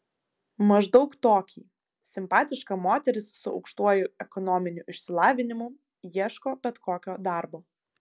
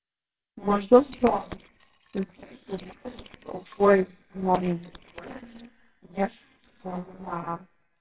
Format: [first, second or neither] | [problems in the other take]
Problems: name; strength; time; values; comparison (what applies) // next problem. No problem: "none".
first | noise reduction (neural separator model SepFormer WHAMR!)